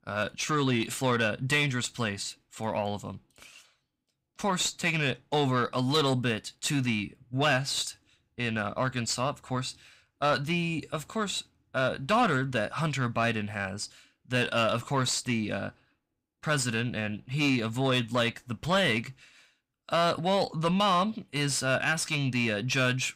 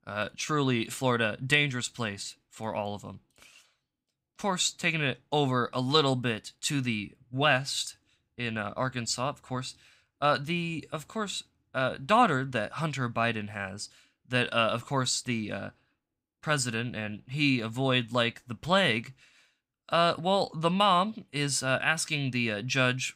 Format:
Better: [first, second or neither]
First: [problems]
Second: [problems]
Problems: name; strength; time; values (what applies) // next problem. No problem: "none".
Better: second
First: distortion; slight; 10 dB below the speech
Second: none